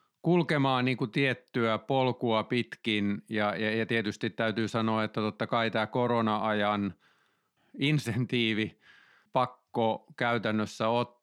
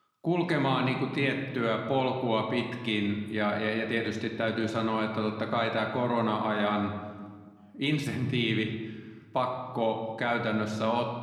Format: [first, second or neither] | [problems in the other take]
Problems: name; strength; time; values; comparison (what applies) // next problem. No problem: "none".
first | room echo; slight; dies away in 1.2 s